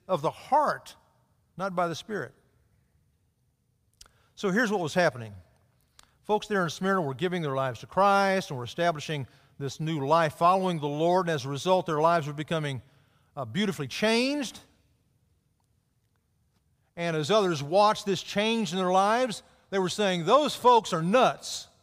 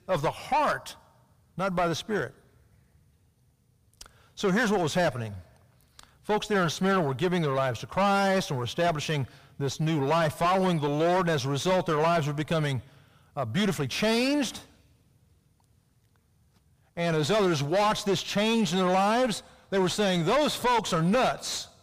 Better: first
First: none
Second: distortion; heavy; 5 dB below the speech

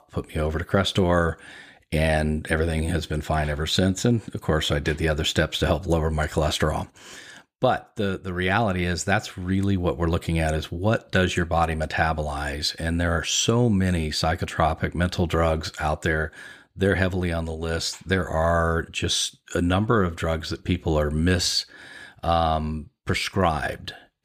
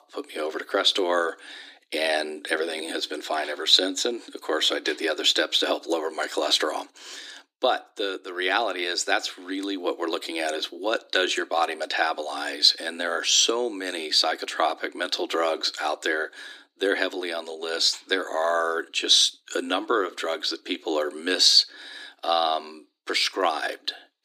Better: first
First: none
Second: thin; somewhat; fading below 300 Hz

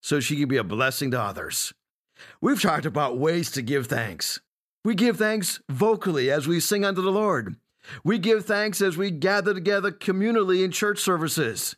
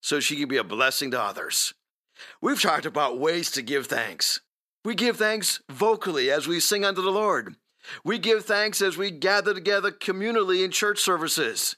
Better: first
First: none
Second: thin; somewhat; fading below 300 Hz

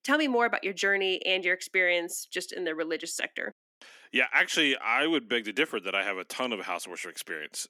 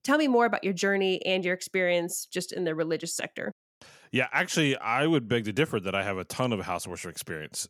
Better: second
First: thin; very slightly; fading below 250 Hz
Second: none

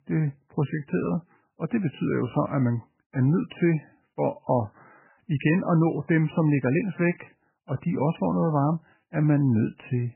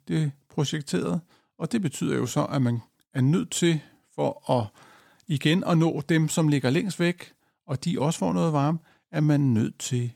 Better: second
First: garbled, watery; badly; nothing above 3 kHz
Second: none

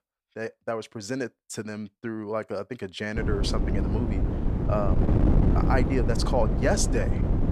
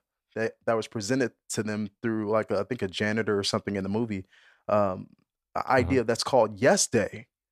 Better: second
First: wind noise on the microphone; heavy; from 3 s on; 3 dB below the speech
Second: none

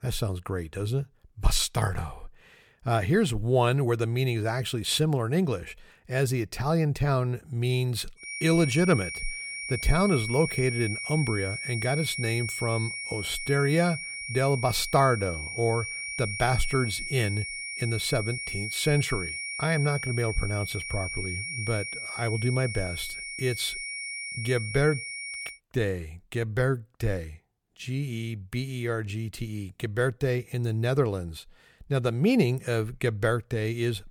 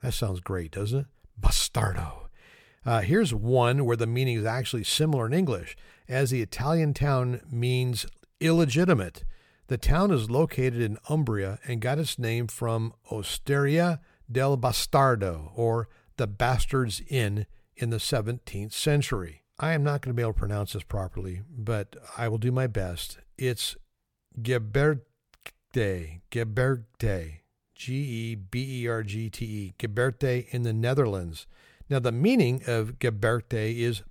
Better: second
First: high-pitched whine; loud; from 8 to 26 s; 2 kHz, 5 dB below the speech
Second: none

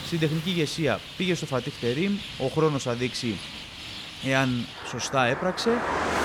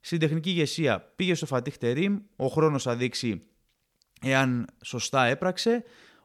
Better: second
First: traffic noise; loud; throughout; 8 dB below the speech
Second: none

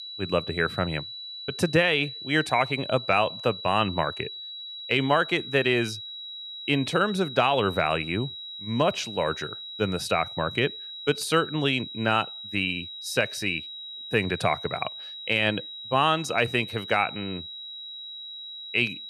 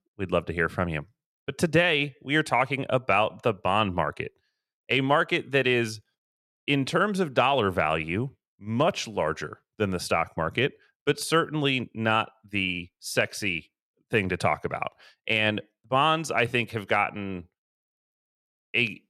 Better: second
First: high-pitched whine; noticeable; throughout; 4 kHz, 10 dB below the speech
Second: none

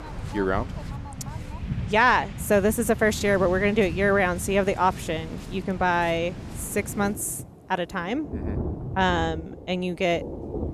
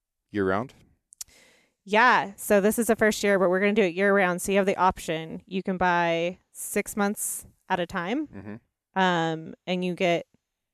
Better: second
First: rain or running water; noticeable; throughout; 10 dB below the speech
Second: none

